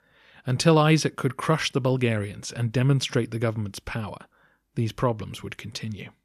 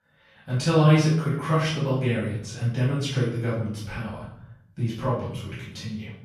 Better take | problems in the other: first | off-mic speech; far // room echo; noticeable; dies away in 0.8 s

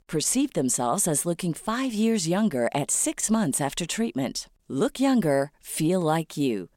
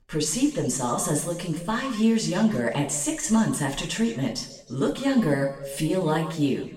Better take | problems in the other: first | room echo; slight; dies away in 1 s // off-mic speech; far

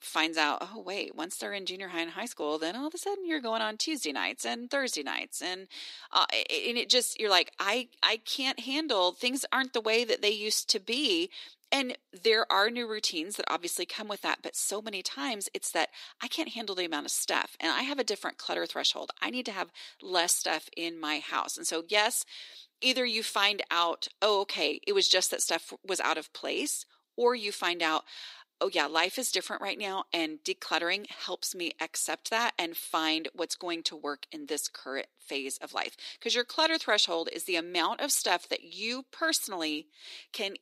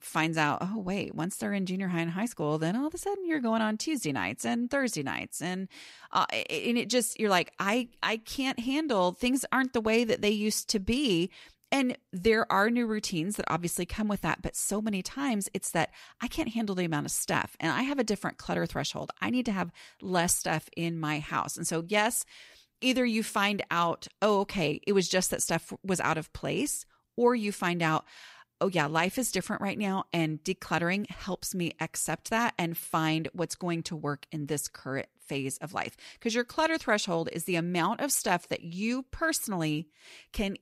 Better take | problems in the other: second | thin; somewhat; fading below 300 Hz

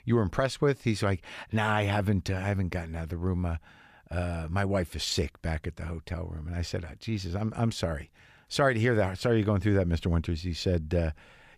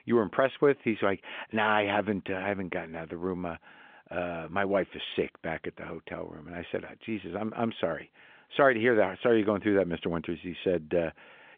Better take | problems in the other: first | phone-call audio; nothing above 3.5 kHz

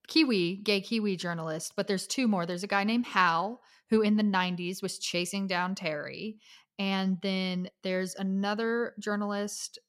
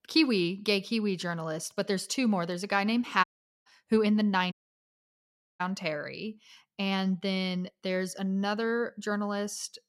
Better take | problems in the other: first | audio cutting out; at 3 s and at 4.5 s for 1 s

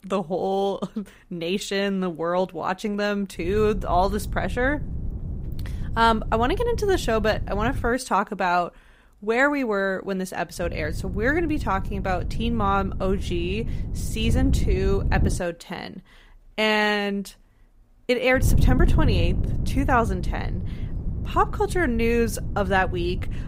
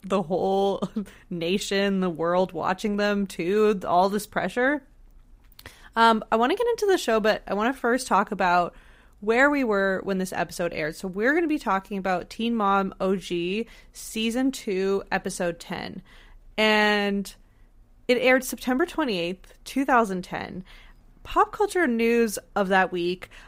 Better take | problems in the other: second | wind noise on the microphone; occasional gusts; from 3.5 to 8 s, from 11 to 15 s and from 18 s on; 15 dB below the speech

